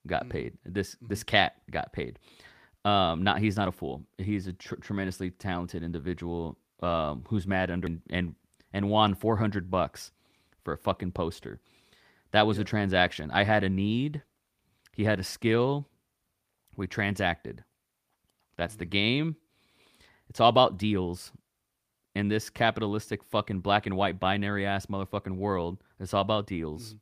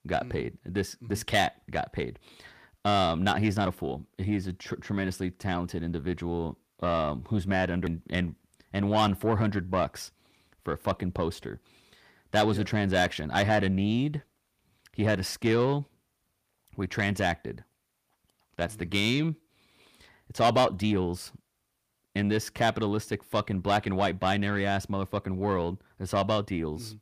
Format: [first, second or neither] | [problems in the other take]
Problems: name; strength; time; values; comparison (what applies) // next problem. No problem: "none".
first | distortion; slight; 10 dB below the speech